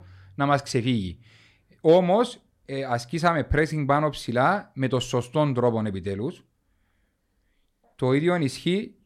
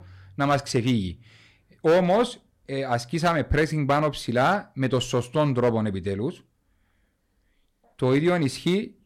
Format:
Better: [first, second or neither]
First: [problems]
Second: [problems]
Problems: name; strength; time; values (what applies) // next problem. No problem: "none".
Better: first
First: none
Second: distortion; slight; 3% of the sound clipped